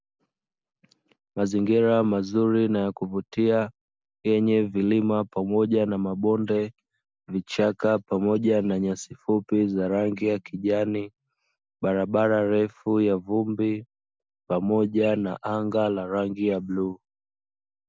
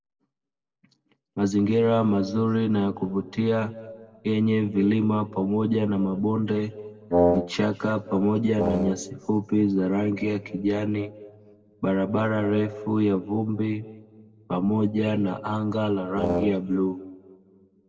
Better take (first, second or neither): first